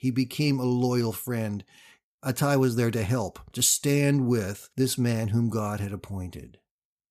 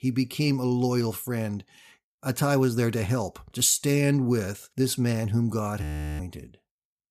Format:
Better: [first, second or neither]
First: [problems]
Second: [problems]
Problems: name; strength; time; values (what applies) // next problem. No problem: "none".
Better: first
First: none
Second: audio freezing; at 6 s